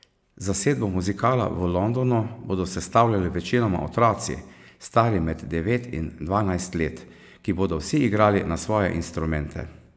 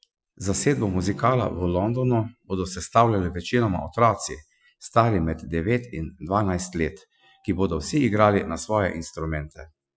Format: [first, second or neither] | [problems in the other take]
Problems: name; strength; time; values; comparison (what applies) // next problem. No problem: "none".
first | noise reduction (classical method Wiener filter)